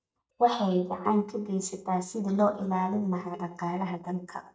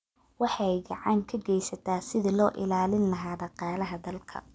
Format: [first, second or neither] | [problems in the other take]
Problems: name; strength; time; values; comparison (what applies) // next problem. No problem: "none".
second | noise reduction (neural mask model DeepFilterNet 3)